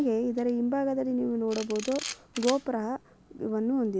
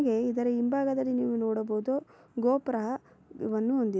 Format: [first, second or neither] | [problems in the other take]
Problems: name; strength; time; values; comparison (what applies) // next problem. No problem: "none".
second | background sound (Camera); 15 dB below the speech